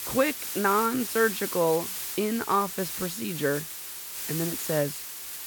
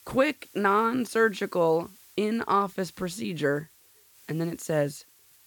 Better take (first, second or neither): second